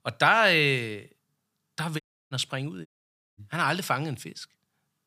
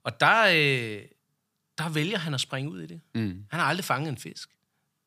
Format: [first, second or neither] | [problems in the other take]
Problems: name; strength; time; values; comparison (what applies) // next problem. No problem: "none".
second | audio cutting out; at 2 s and at 3 s for 0.5 s